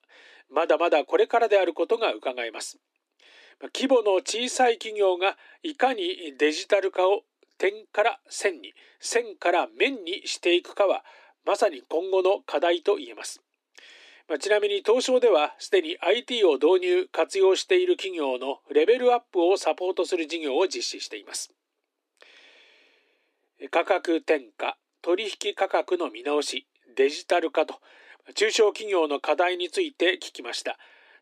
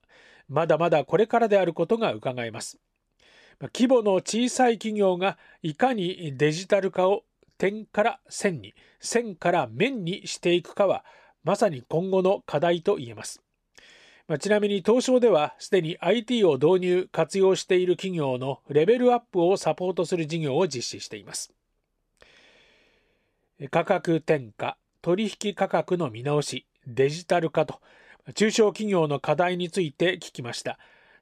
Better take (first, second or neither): second